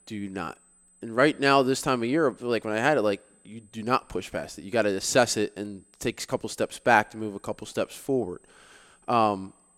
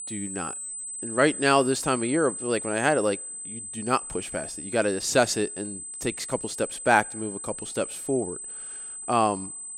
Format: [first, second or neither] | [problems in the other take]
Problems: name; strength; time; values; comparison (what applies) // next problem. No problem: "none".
first | high-pitched whine; loud; throughout; 8 kHz, 8 dB below the speech; faint in the first